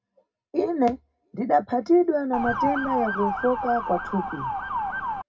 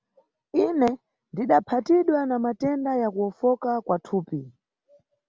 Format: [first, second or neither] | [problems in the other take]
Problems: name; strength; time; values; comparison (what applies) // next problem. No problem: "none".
second | background sound (Motor vehicle (road) / Siren); 3 dB below the speech // room echo; dies away in 0.2 s